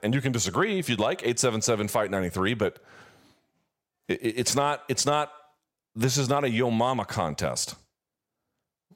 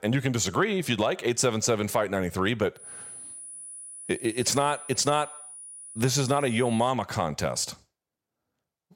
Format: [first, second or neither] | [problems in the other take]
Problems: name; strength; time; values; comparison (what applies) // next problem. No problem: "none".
first | high-pitched whine; noticeable; from 3 to 7 s; 10 kHz, 15 dB below the speech